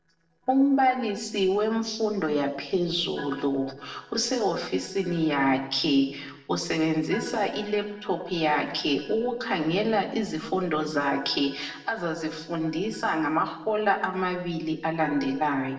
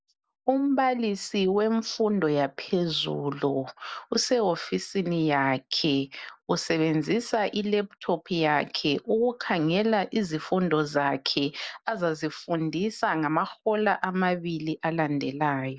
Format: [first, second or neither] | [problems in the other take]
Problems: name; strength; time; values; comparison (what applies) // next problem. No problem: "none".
second | noise reduction (neural separator model SepFormer DNS4)